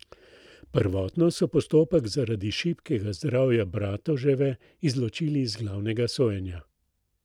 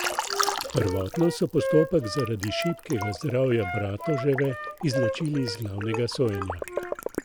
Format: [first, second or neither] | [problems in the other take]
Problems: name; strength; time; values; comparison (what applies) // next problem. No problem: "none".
first | background sound (Wind instrument, woodwind instrument + Liquid); 5 dB below the speech